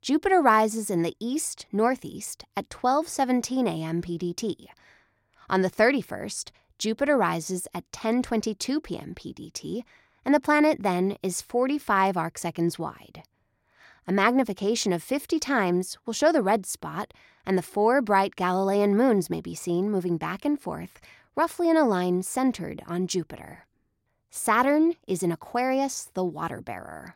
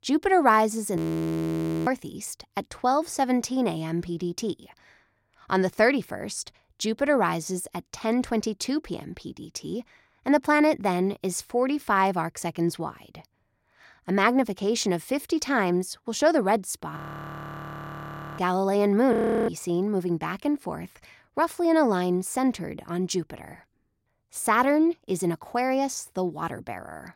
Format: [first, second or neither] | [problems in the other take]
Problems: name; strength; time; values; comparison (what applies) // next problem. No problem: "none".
first | audio freezing; at 1 s for 1 s, at 17 s for 1.5 s and at 19 s